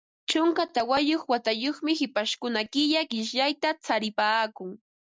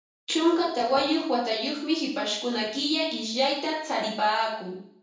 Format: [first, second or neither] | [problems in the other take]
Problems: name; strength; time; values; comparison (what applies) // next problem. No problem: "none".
first | room echo; dies away in 0.7 s